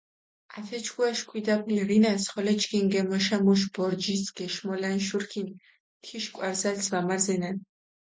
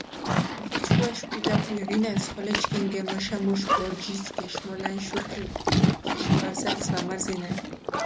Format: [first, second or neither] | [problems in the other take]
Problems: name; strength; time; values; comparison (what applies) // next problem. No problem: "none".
first | background sound (Livestock, farm animals, working animals); 4 dB above the speech